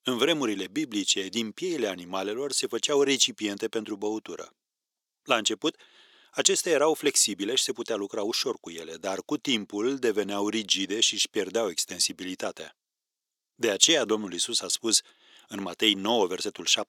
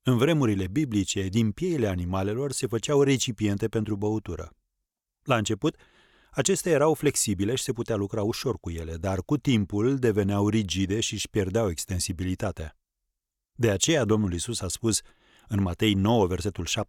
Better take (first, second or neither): second